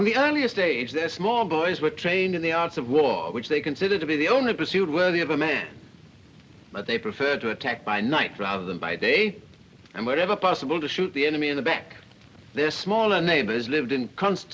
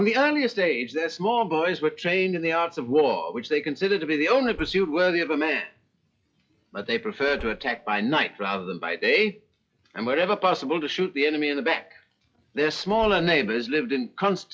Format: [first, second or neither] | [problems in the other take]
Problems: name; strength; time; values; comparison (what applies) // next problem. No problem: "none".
first | noise reduction (classical method log-MMSE)